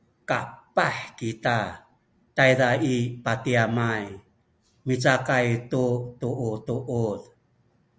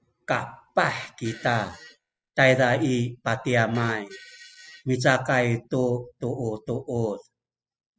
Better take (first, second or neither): first